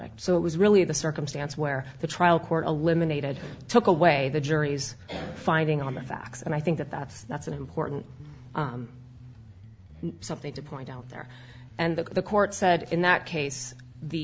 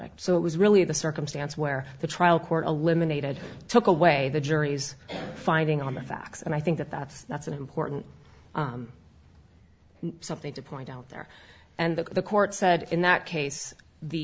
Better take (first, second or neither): second